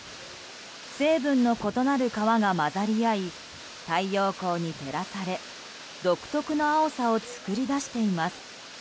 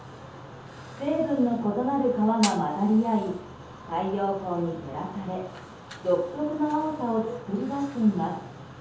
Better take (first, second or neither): first